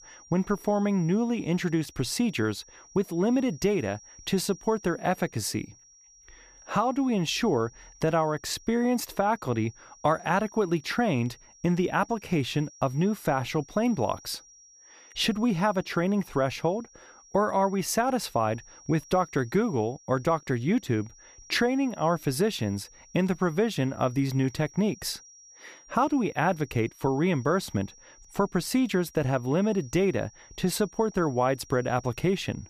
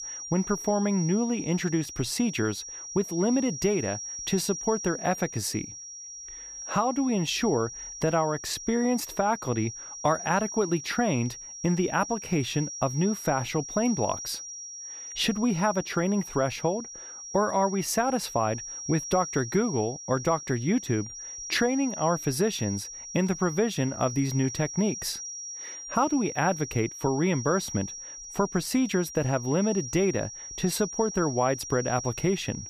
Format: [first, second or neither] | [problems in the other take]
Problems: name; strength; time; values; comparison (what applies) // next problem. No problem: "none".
first | high-pitched whine; loud; throughout; 5.5 kHz, 9 dB below the speech; faint in the first